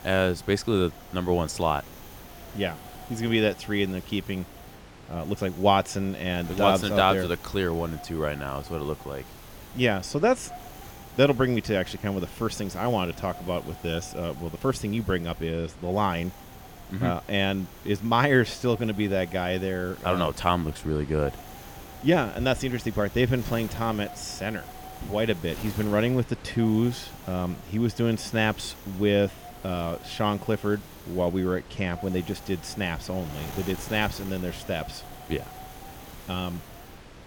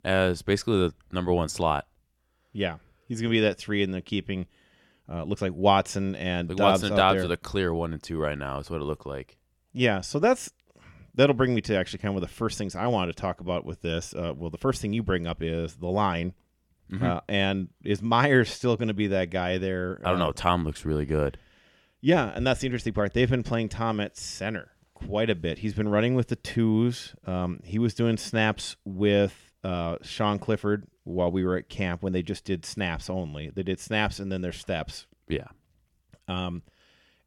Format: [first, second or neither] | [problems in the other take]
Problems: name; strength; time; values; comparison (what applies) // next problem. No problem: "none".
second | wind noise on the microphone; occasional gusts; 15 dB below the speech